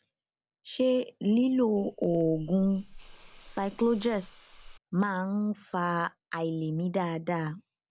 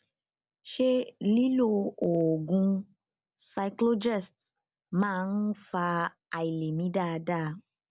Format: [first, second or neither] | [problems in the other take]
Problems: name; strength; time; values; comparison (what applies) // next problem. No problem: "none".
second | background sound (Hiss / Insect); 20 dB below the speech